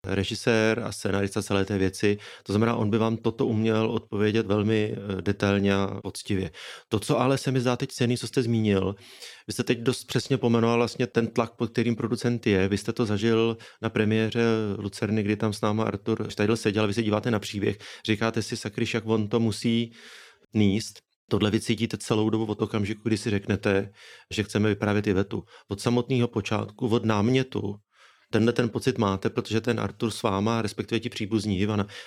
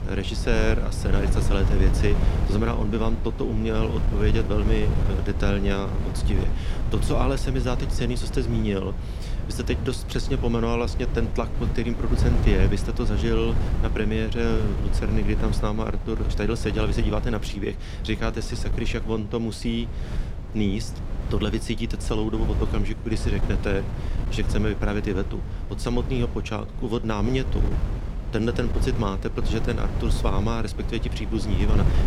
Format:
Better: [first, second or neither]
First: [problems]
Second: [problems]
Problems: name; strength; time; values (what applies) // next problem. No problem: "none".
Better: first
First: none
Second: wind noise on the microphone; heavy; 8 dB below the speech